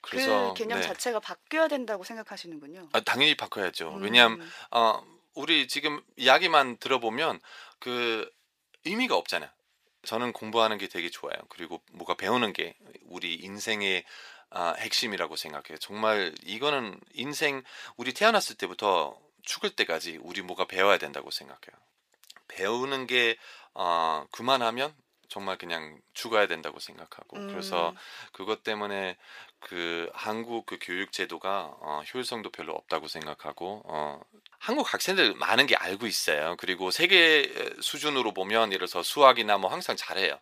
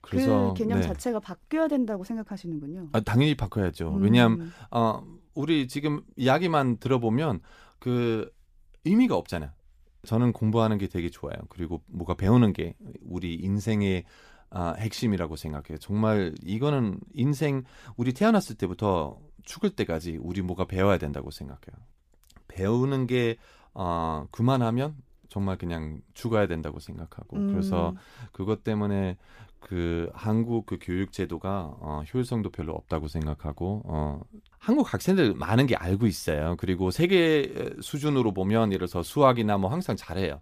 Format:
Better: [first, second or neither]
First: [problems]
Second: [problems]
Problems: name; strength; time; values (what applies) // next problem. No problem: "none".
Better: second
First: thin; very; fading below 600 Hz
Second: none